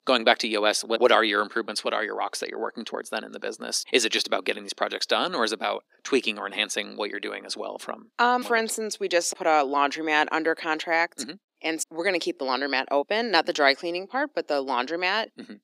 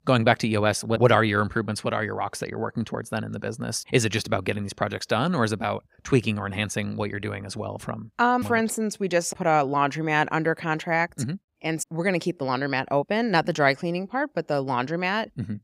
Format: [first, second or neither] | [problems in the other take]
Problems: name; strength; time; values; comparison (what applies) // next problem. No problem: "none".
second | thin; somewhat; fading below 250 Hz